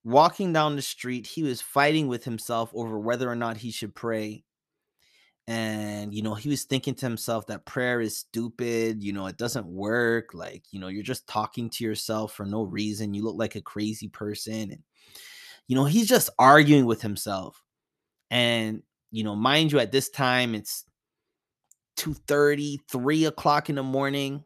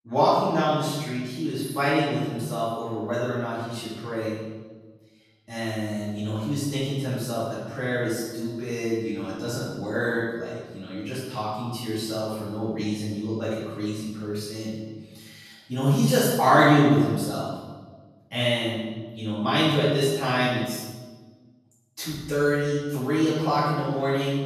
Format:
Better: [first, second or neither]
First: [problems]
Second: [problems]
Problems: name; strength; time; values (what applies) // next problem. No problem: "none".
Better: first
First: none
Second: room echo; strong; dies away in 1.2 s // off-mic speech; far